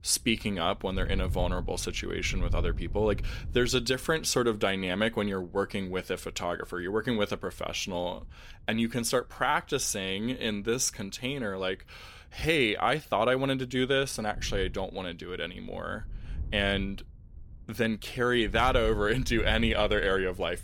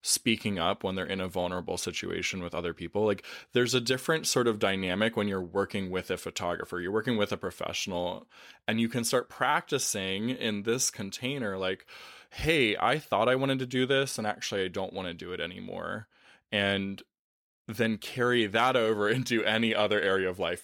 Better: second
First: wind noise on the microphone; occasional gusts; 25 dB below the speech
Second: none

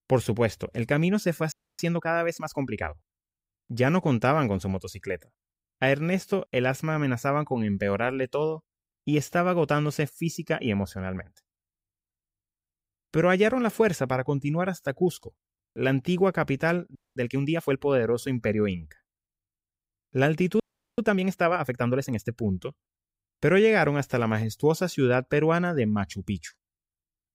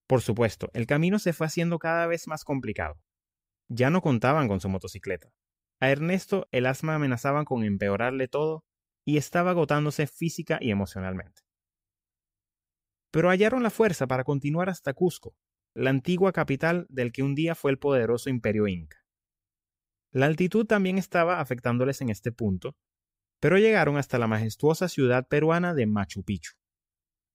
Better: second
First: audio freezing; at 1.5 s, at 17 s and at 21 s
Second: none

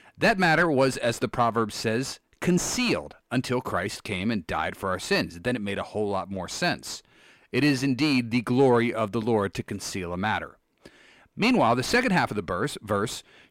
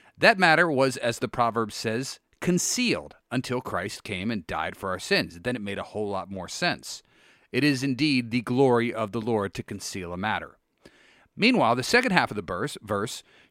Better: second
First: distortion; slight; 10 dB below the speech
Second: none

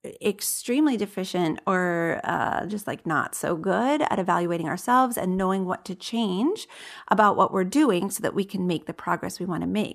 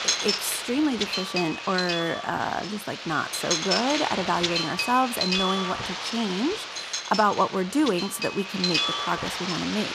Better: first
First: none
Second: wind noise on the microphone; heavy; as loud as the speech

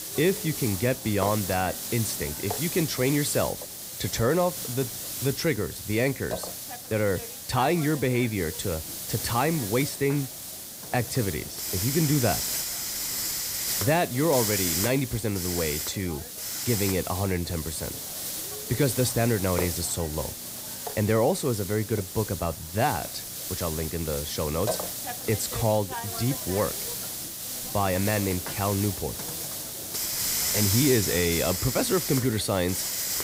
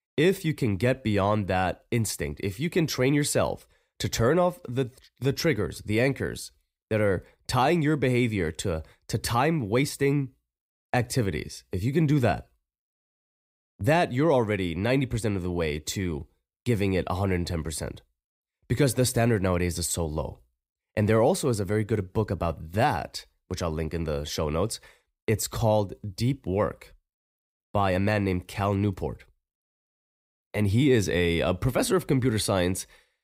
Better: second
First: hiss; loud; throughout; 3 dB below the speech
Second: none

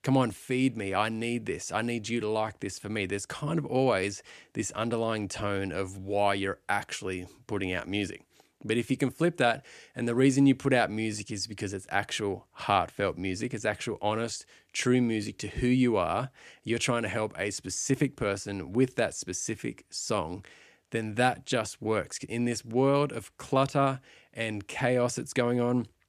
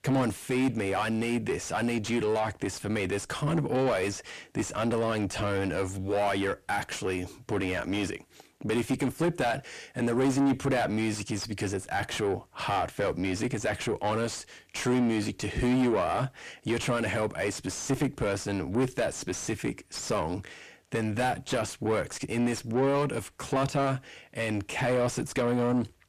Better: first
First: none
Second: distortion; heavy; 6 dB below the speech

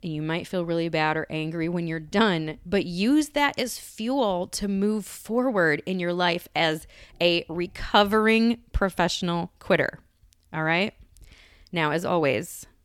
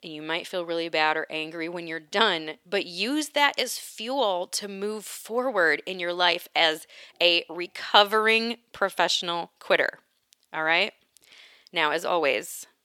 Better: first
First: none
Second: thin; somewhat; fading below 450 Hz

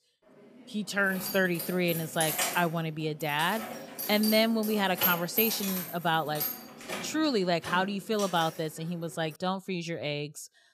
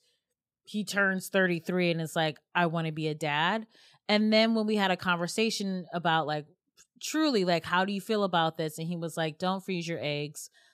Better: second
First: jangling keys; loud; from 1 to 8.5 s; peak 2 dB above the speech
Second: none

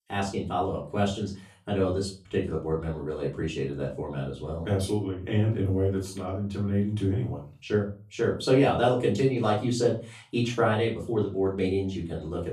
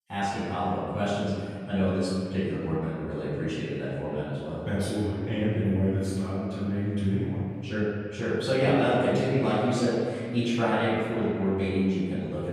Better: first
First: room echo; slight; dies away in 0.3 s // off-mic speech; far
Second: room echo; strong; dies away in 2.2 s // off-mic speech; far

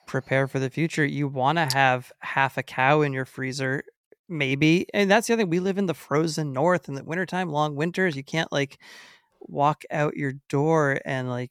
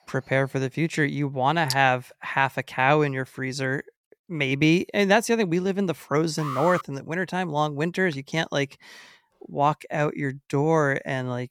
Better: first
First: none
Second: alarm; noticeable; at 6.5 s; peak 7 dB below the speech

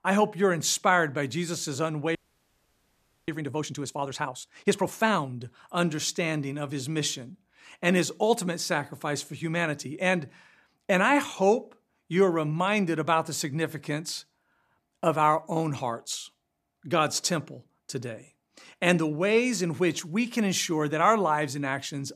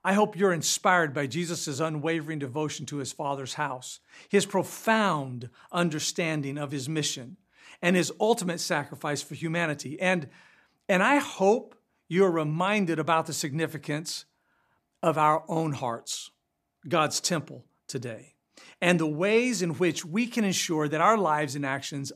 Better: second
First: audio freezing; at 2 s for 1 s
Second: none

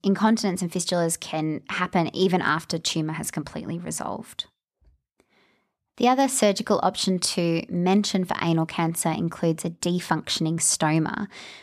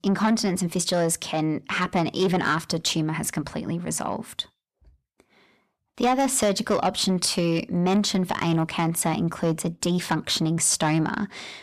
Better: first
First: none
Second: distortion; slight; 10 dB below the speech

